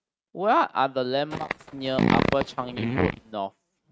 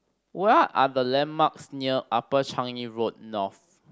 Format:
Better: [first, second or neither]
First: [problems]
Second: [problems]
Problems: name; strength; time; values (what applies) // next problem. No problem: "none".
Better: second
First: noise reduction (neural mask model RNNoise)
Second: none